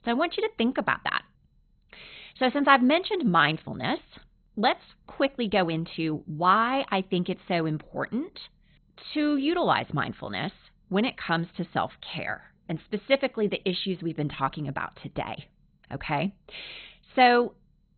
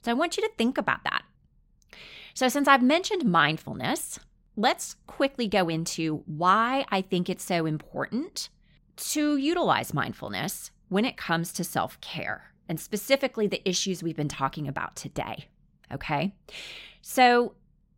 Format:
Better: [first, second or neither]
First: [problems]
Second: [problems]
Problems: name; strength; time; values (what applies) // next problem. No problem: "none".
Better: second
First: garbled, watery; badly; nothing above 4 kHz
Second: none